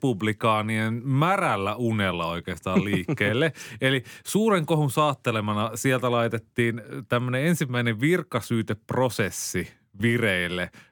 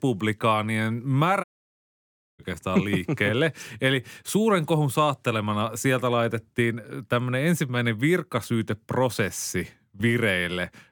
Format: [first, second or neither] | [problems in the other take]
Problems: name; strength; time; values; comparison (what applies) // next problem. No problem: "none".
first | audio cutting out; at 1.5 s for 1 s